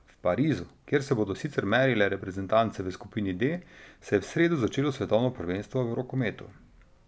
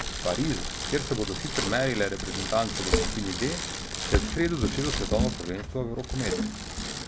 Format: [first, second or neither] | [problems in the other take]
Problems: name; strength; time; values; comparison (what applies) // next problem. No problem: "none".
first | background sound (Bicycle); as loud as the speech